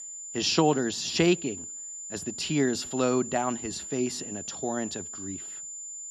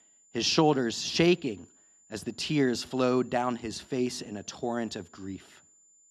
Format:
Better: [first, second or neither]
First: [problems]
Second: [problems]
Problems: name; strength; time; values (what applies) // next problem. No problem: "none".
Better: second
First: high-pitched whine; loud; throughout; 7 kHz, 9 dB below the speech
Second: high-pitched whine; faint; throughout; 7 kHz, 30 dB below the speech